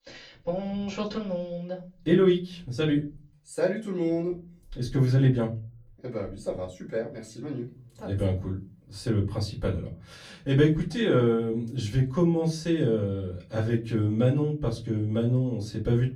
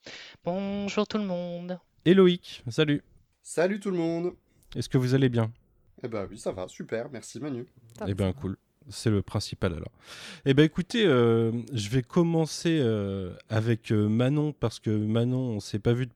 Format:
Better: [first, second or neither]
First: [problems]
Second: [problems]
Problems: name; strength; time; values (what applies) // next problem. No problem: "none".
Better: second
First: off-mic speech; far // room echo; very slight; dies away in 0.3 s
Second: none